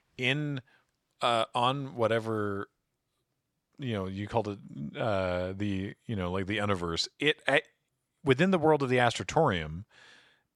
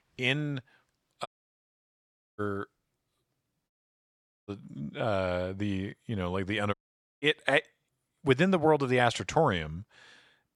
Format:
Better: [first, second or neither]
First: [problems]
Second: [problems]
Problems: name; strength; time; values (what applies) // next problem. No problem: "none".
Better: first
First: none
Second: audio cutting out; at 1.5 s for 1 s, at 3.5 s for 1 s and at 6.5 s